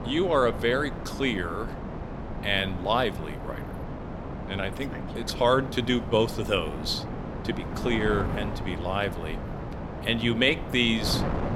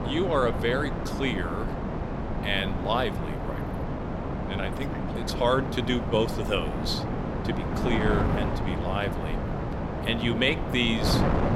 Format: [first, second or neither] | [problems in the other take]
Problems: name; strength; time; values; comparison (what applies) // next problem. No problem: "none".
first | wind noise on the microphone; heavy; 5 dB below the speech; occasional gusts in the first